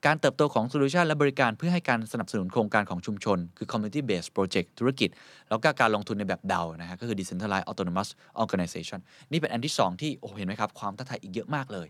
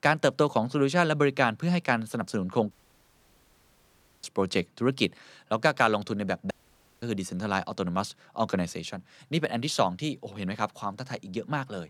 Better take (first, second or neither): first